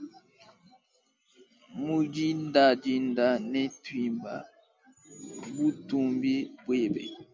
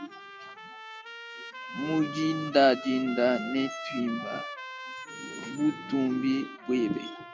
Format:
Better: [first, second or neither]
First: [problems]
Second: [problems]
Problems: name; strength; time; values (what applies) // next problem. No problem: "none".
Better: first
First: none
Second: background sound (Trumpet); 11 dB below the speech